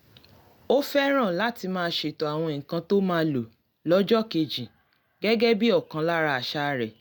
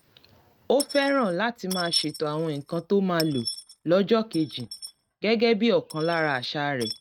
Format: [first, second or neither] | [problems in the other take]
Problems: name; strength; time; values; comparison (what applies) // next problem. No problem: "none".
first | noise reduction (neural mask model RNNoise)